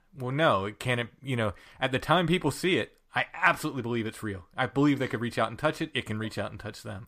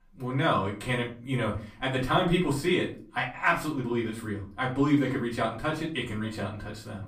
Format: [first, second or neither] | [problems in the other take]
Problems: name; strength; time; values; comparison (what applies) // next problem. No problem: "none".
first | off-mic speech; far // room echo; slight; dies away in 0.3 s